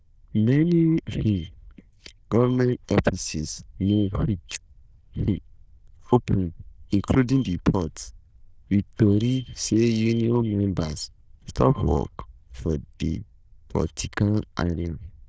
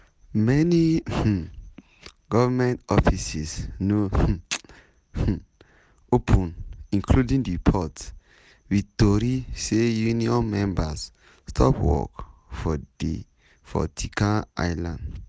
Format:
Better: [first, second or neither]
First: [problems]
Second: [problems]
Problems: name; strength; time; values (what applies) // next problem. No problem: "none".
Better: second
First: noise reduction (neural diffusion model UNIVERSE++)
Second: none